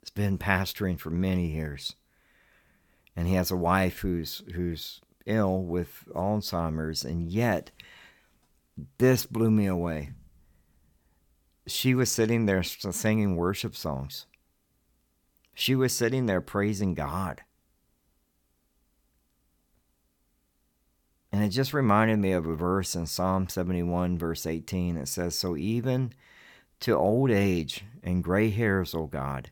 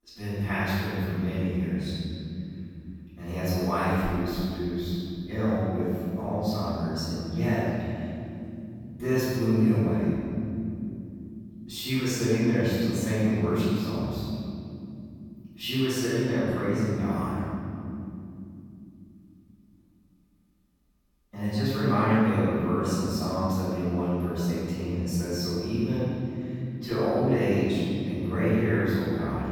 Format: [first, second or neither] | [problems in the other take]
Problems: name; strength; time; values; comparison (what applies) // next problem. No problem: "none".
first | off-mic speech; far // room echo; strong; dies away in 3 s